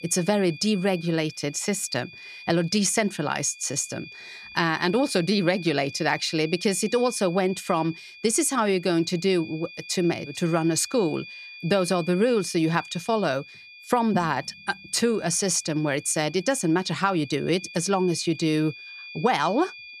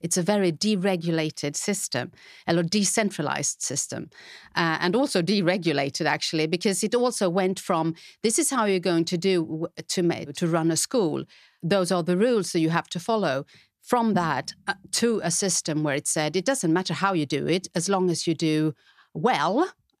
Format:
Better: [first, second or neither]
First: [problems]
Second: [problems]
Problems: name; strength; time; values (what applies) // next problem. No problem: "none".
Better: second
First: high-pitched whine; noticeable; throughout; 2.5 kHz, 15 dB below the speech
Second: none